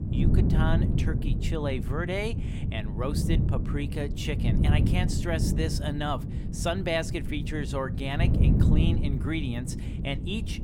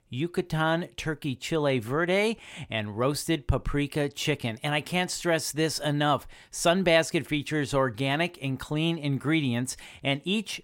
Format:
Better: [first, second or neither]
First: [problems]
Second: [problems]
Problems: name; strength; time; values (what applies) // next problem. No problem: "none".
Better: second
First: wind noise on the microphone; heavy; 5 dB below the speech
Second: none